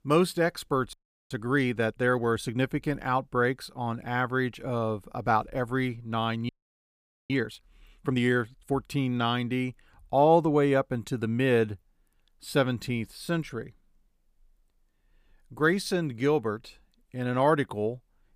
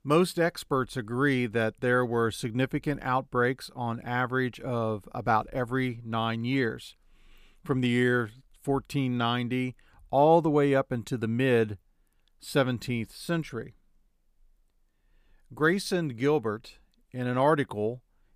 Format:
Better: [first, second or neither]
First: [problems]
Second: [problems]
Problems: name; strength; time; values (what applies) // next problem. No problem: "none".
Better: second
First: audio freezing; at 1 s and at 6.5 s for 1 s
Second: none